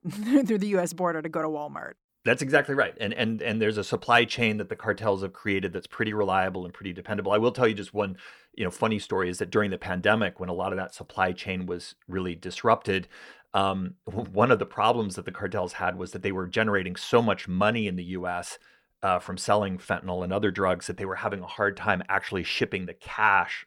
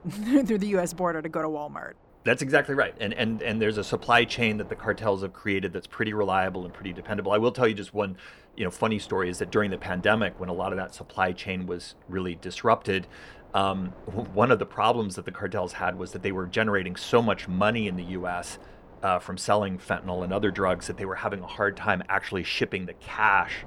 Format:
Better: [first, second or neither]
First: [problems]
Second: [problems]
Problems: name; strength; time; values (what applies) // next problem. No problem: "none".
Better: first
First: none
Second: wind noise on the microphone; occasional gusts; 25 dB below the speech